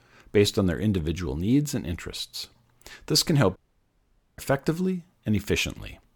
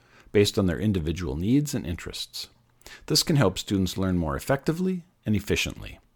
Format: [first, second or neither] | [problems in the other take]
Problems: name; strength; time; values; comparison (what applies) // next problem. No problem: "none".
second | audio cutting out; at 3.5 s for 1 s